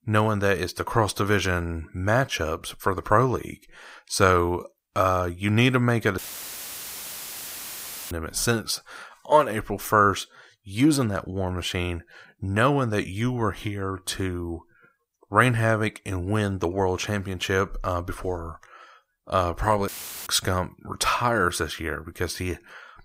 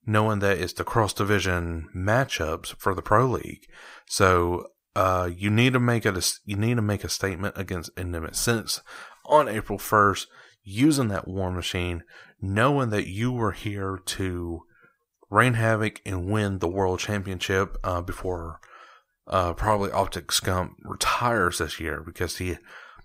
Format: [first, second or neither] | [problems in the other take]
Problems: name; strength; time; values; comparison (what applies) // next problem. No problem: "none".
second | audio cutting out; filled with static; at 6 s for 2 s and at 20 s